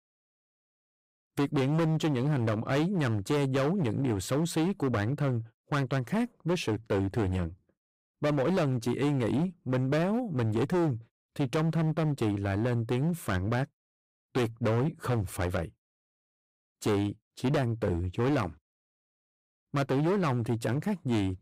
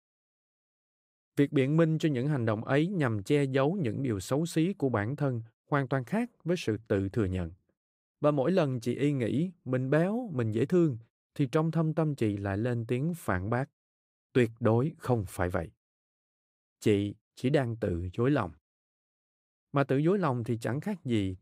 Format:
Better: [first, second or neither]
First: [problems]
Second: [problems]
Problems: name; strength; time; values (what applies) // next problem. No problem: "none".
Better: second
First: distortion; heavy; 15% of the sound clipped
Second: none